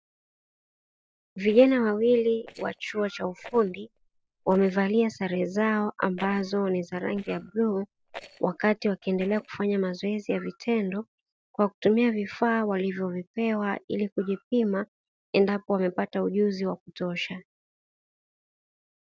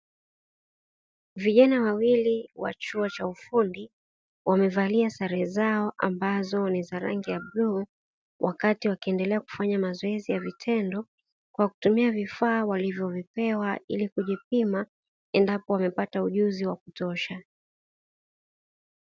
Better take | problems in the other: second | noise reduction (neural separator model SepFormer DNS4)

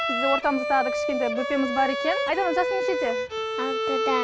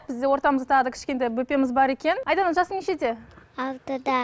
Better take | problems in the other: second | background sound (Bowed string instrument); as loud as the speech

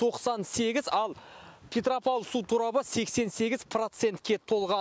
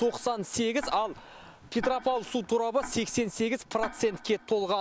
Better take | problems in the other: first | background sound (Tick-tock); 15 dB below the speech

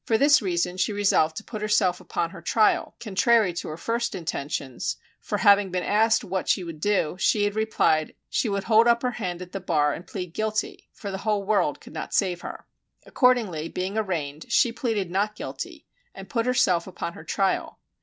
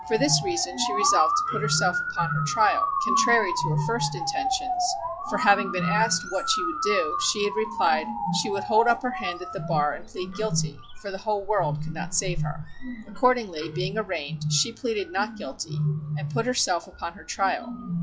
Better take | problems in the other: first | noise reduction (classical method log-MMSE)

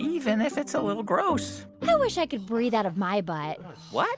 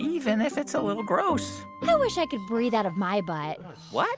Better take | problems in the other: first | background sound (Wind instrument, woodwind instrument); 19 dB below the speech

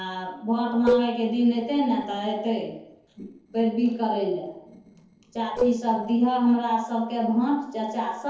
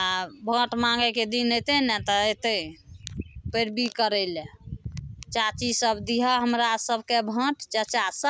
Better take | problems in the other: second | noise reduction (neural separator model SepFormer DNS4)

